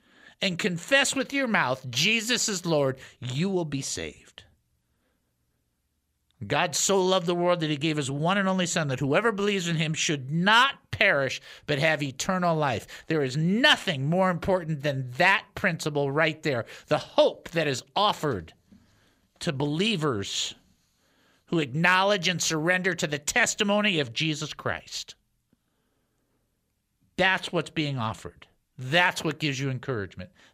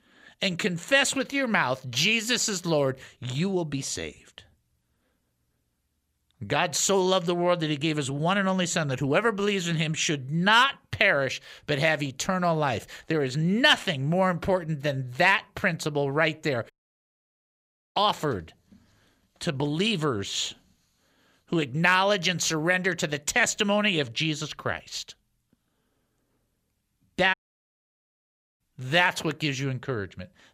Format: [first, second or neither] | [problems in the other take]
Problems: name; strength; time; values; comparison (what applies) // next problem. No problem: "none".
first | audio cutting out; at 17 s for 1.5 s and at 27 s for 1.5 s